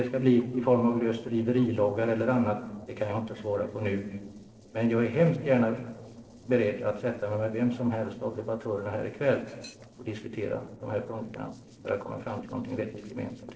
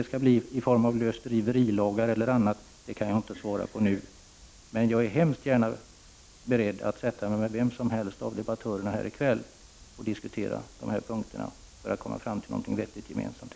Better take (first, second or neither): second